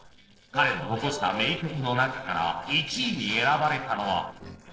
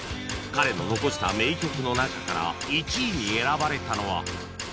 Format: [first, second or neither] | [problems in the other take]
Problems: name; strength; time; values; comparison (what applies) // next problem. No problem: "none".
second | noise reduction (neural separator model SepFormer DNS4)